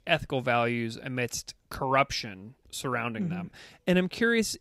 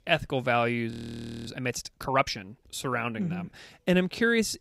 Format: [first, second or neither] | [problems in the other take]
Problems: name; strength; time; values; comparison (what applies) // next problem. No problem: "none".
first | audio freezing; at 1 s for 0.5 s